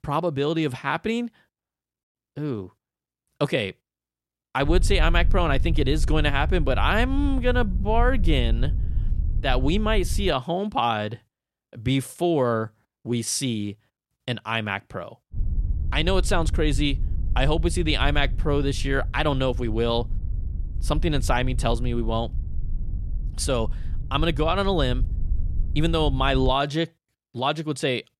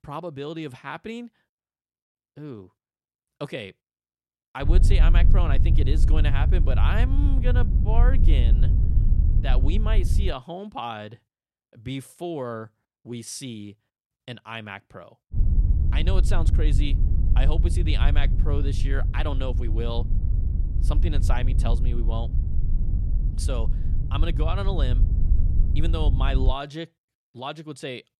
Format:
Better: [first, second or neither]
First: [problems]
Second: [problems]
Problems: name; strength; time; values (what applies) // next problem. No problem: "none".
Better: first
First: low rumble; faint; from 4.5 to 10 s and from 15 to 27 s; 20 dB below the speech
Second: low rumble; loud; from 4.5 to 10 s and from 15 to 27 s; 7 dB below the speech